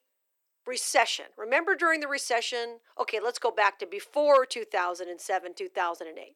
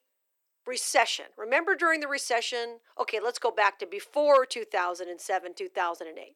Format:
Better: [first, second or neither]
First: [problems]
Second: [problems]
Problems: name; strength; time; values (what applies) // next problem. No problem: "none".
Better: neither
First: thin; somewhat; fading below 350 Hz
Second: thin; somewhat; fading below 350 Hz